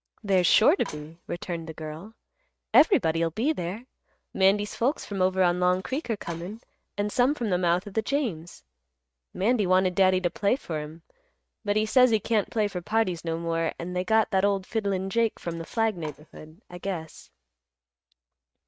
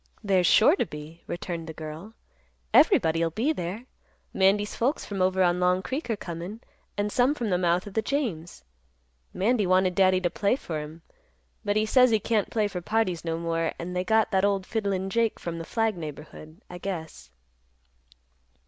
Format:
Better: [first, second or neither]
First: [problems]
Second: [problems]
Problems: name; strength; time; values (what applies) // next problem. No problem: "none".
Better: second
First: noise reduction (neural mask model RNNoise)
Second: none